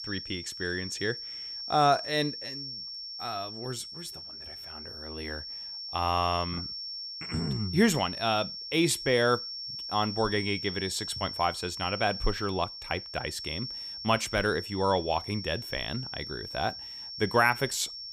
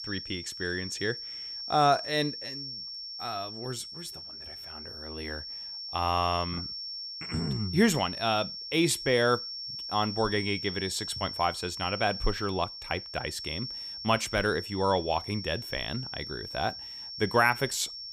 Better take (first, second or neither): neither